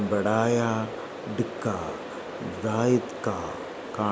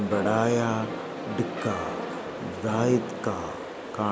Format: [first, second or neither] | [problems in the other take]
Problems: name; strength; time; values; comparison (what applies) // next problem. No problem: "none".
first | background sound (Brass instrument); 8 dB below the speech